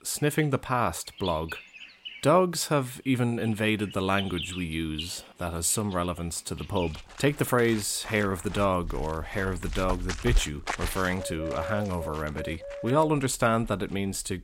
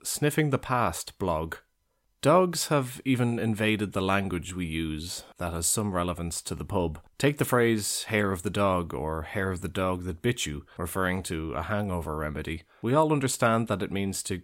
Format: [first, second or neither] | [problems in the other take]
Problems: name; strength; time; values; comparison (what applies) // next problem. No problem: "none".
second | animal sounds; noticeable; throughout; 10 dB below the speech